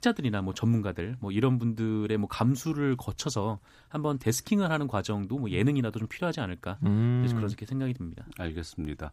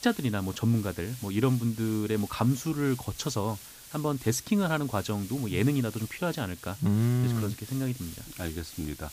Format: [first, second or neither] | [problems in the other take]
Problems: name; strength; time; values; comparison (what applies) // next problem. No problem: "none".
first | hiss; noticeable; throughout; 15 dB below the speech